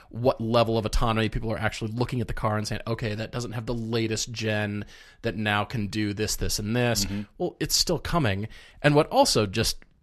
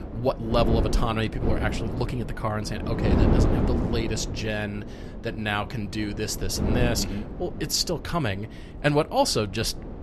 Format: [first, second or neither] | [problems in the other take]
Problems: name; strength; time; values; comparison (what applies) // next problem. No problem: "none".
first | wind noise on the microphone; heavy; 6 dB below the speech